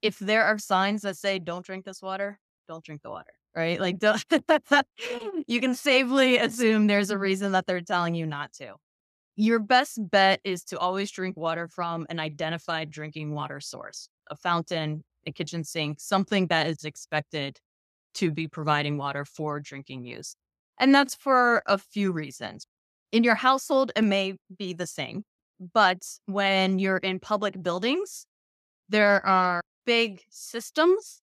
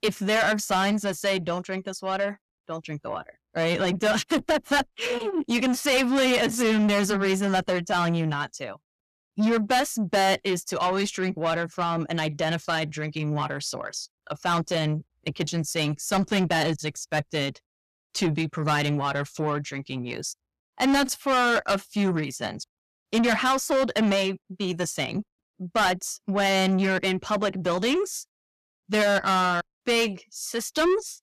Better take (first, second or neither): first